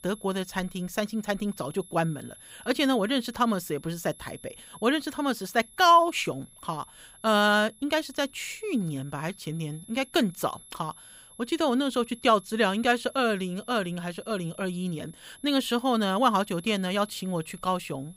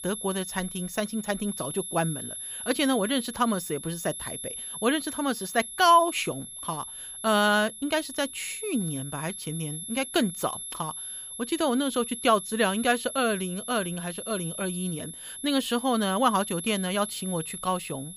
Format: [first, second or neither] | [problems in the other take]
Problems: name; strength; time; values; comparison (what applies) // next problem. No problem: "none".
first | high-pitched whine; loud; throughout; 11 kHz, 8 dB below the speech; faint in the first